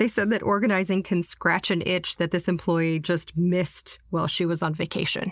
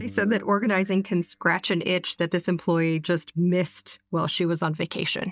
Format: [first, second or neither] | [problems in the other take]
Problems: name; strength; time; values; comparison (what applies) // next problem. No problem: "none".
first | noise reduction (neural mask model DeepFilterNet 3)